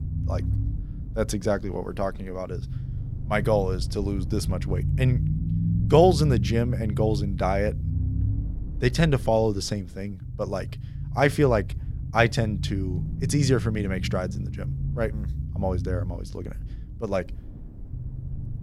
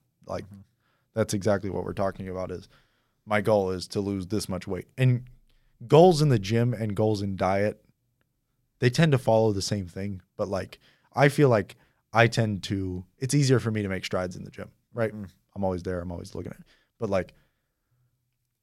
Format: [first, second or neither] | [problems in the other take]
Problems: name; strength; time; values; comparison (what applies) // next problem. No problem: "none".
second | low rumble; noticeable; throughout; 15 dB below the speech